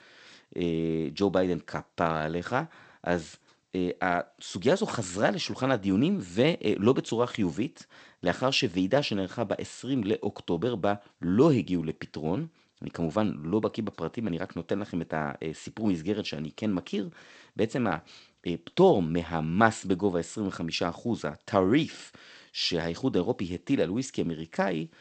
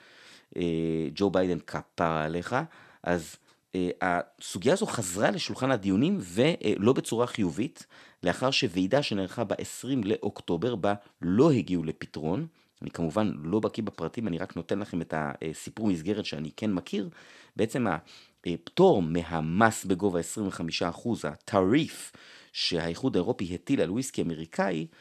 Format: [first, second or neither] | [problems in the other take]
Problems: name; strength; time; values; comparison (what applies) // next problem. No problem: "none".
second | garbled, watery; slightly; nothing above 8 kHz